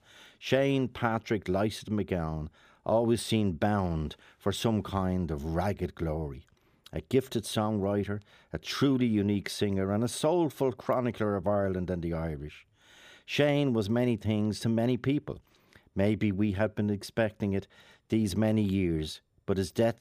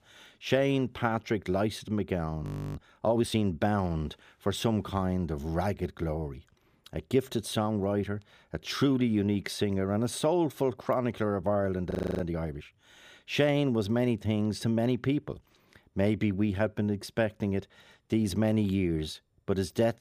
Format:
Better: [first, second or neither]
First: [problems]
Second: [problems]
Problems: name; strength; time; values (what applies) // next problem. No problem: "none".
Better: first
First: none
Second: audio freezing; at 2.5 s and at 12 s